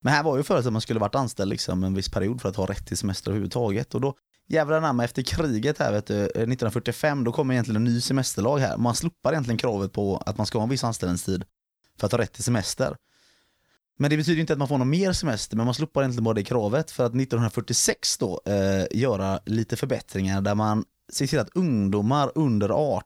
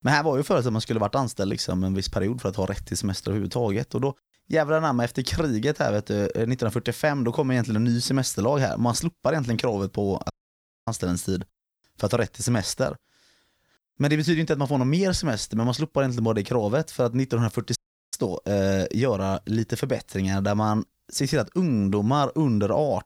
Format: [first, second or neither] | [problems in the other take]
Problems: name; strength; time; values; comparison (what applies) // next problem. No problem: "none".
first | audio cutting out; at 10 s for 0.5 s and at 18 s